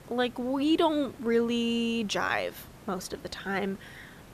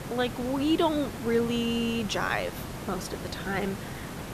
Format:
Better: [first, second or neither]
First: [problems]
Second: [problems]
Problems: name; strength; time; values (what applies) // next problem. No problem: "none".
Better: first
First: hiss; faint; throughout; 20 dB below the speech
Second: hiss; loud; throughout; 9 dB below the speech